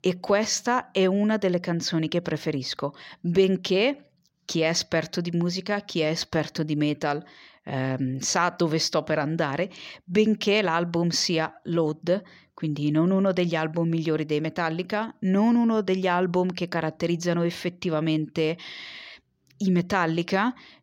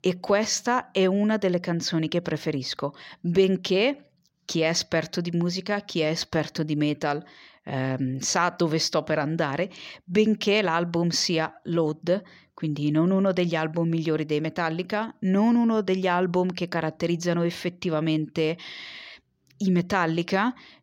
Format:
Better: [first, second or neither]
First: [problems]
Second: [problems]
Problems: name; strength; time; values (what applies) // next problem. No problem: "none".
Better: neither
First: none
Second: none